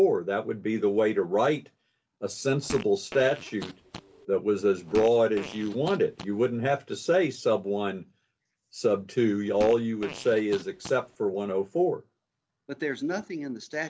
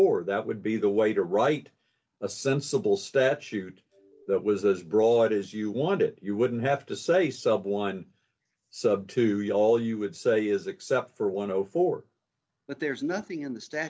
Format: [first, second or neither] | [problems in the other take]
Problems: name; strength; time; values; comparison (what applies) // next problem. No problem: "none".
second | background sound (Fart); 15 dB below the speech